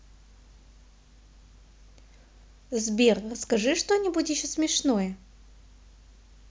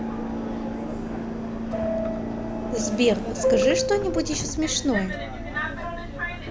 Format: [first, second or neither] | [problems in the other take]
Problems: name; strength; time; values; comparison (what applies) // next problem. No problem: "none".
first | background sound (Subway, metro, underground); 1 dB above the speech